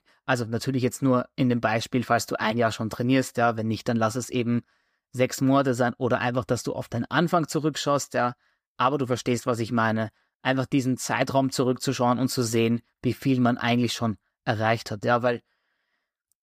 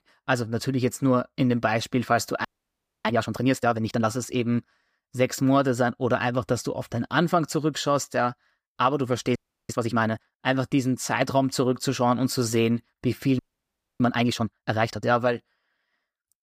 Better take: first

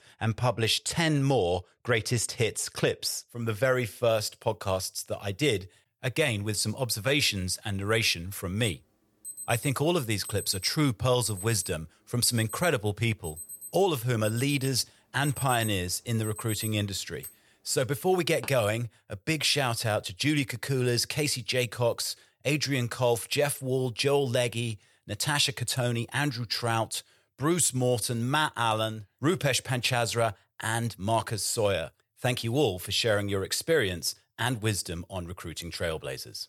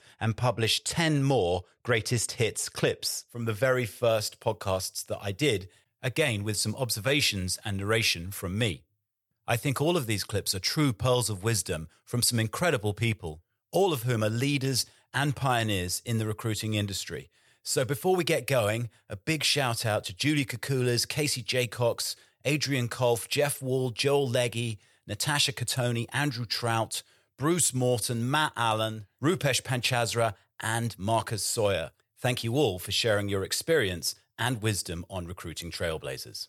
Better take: second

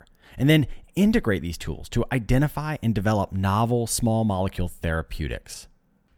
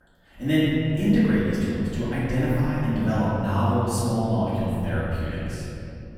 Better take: first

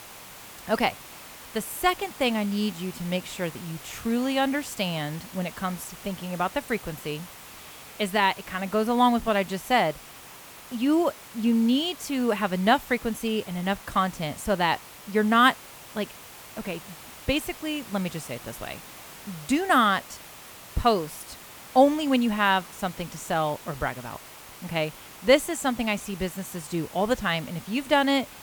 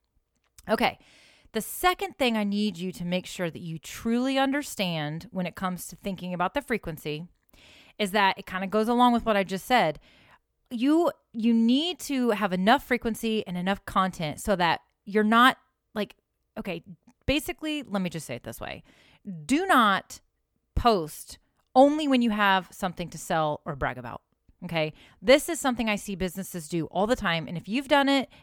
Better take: second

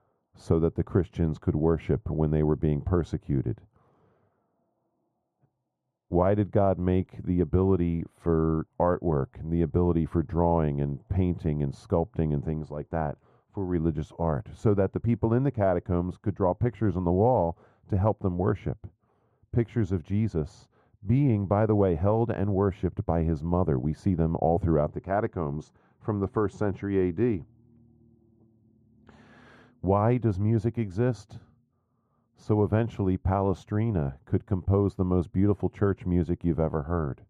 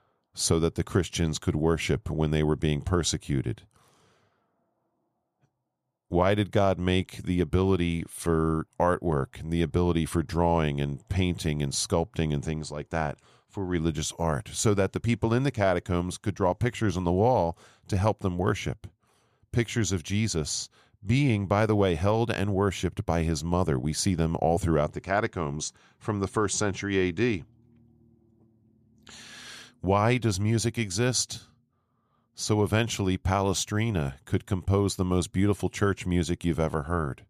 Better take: second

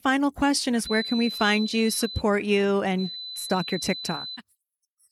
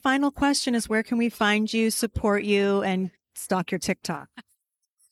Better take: second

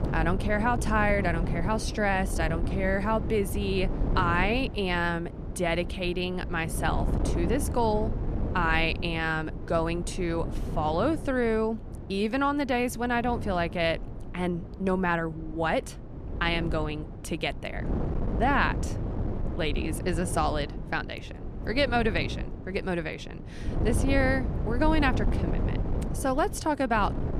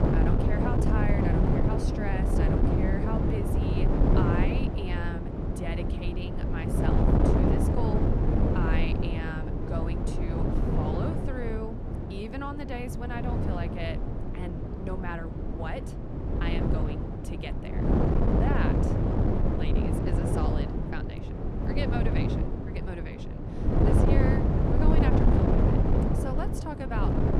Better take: first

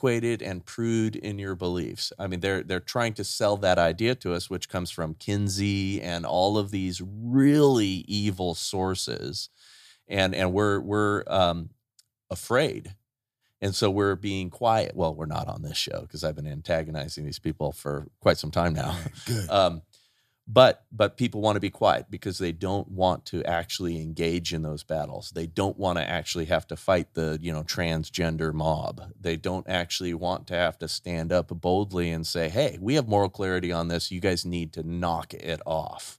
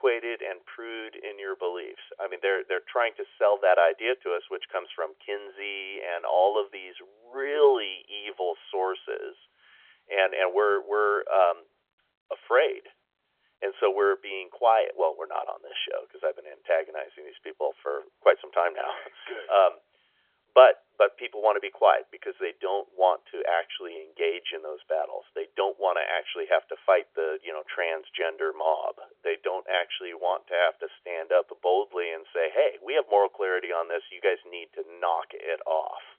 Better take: first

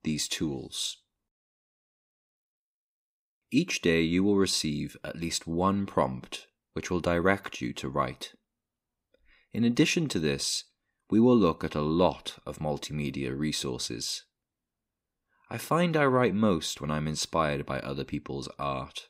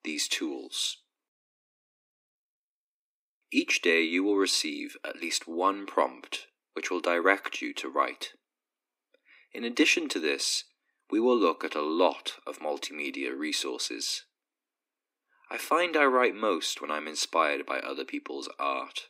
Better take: first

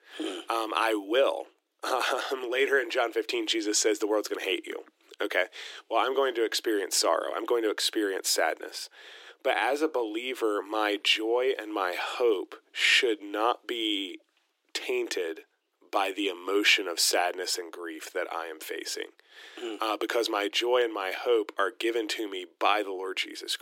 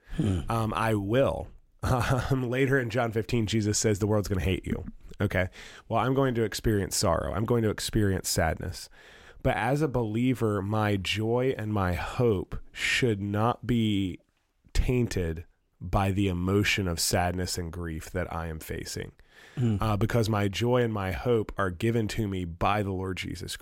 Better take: second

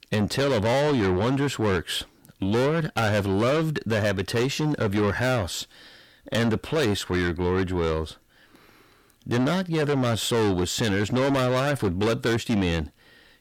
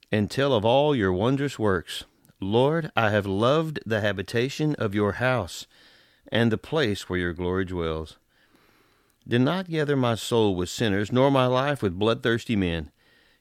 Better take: second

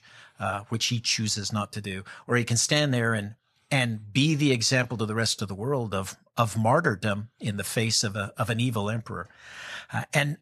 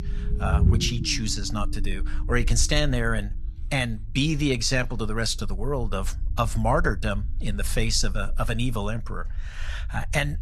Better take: first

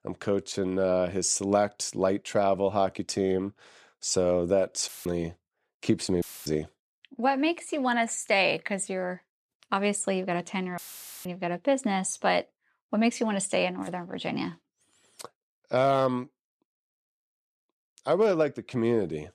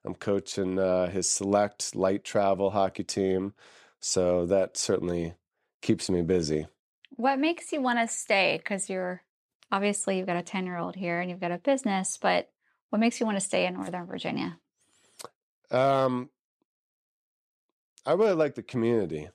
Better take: second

